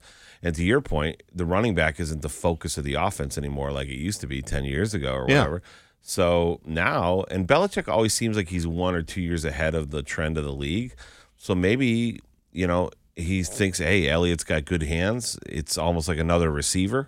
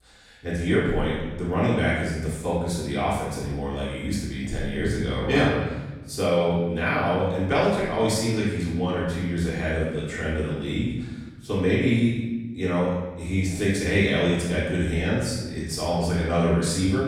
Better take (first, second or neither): first